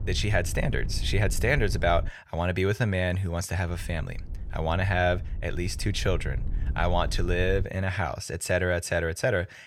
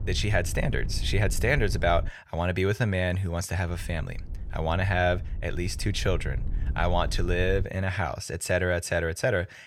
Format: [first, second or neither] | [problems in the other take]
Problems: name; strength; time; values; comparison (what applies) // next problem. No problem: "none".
neither | wind noise on the microphone; occasional gusts; until 2 s and from 3.5 to 7.5 s; 20 dB below the speech; the same in both